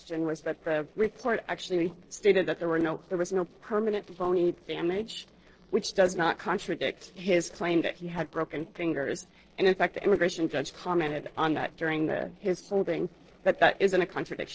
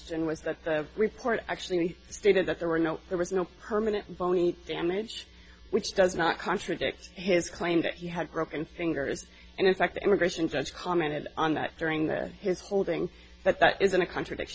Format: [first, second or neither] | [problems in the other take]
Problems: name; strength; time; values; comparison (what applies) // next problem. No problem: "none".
second | noise reduction (neural separator model SepFormer DNS4)